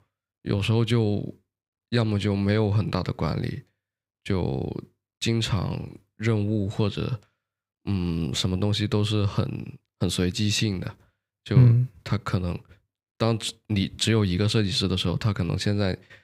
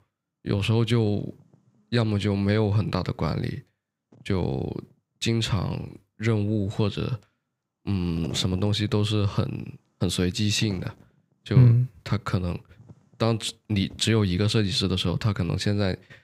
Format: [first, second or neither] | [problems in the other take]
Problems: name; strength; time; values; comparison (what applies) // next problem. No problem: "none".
first | wind noise on the microphone; occasional gusts; 25 dB below the speech